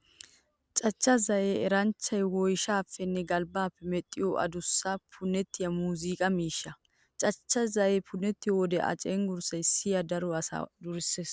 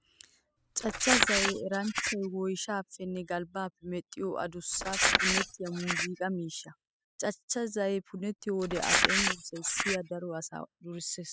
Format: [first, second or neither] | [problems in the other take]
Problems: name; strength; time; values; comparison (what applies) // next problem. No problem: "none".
first | noise reduction (classical method spectral subtraction)